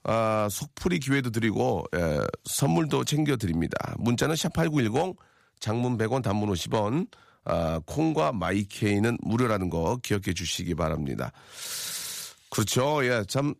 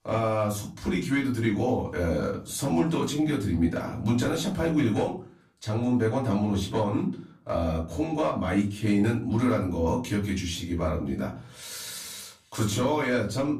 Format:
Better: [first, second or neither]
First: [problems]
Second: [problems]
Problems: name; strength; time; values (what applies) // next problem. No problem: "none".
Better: first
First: none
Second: off-mic speech; far // room echo; slight; dies away in 0.4 s